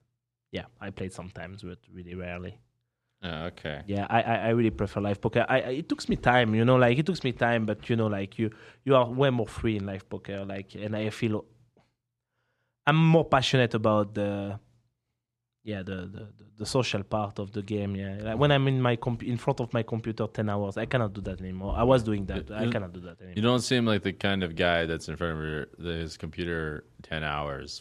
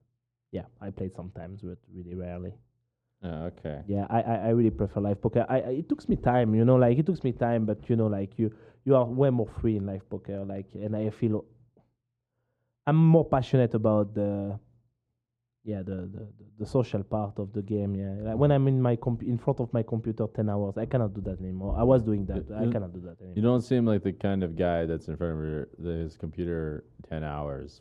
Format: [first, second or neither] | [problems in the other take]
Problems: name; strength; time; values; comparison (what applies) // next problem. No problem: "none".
first | muffled; slightly; fading above 1 kHz